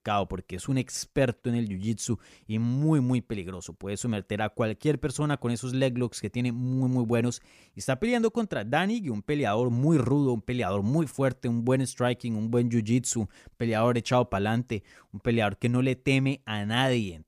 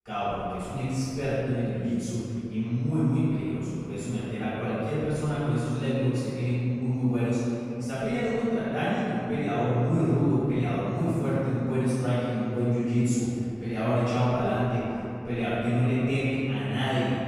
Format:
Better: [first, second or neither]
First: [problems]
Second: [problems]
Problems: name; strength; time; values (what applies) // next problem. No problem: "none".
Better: first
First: none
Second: off-mic speech; far // room echo; strong; dies away in 2.7 s